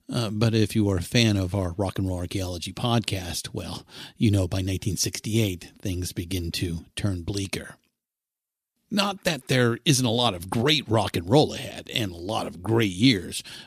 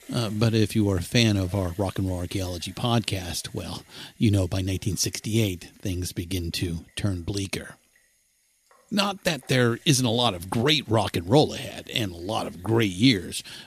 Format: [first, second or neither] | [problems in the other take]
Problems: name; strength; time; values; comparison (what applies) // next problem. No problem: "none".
first | household noises; faint; throughout; 30 dB below the speech